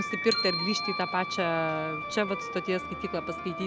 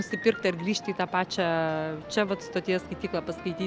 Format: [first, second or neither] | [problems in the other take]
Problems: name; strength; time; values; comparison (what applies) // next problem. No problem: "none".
second | background sound (Wind instrument, woodwind instrument + Bicycle bell); 4 dB below the speech